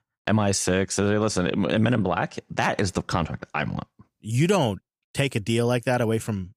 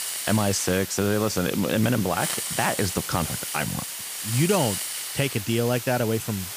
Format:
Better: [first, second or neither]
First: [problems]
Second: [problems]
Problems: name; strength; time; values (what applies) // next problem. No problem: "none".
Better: first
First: none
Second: hiss; loud; throughout; 5 dB below the speech